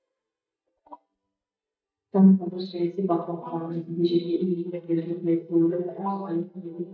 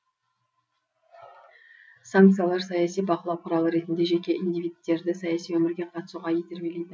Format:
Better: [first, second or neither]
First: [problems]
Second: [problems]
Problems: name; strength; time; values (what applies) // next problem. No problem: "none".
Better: second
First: noise reduction (neural mask model DeepFilterNet 3)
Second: none